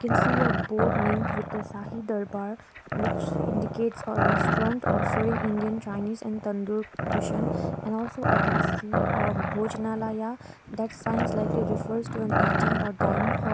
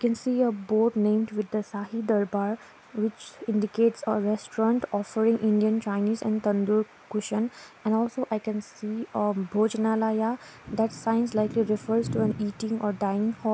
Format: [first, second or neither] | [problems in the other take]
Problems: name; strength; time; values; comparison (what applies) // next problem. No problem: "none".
second | background sound (Growling); 3 dB above the speech